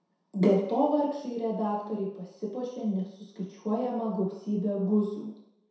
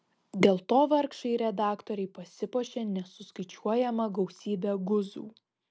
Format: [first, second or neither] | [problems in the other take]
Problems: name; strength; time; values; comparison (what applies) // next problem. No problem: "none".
second | room echo; dies away in 0.7 s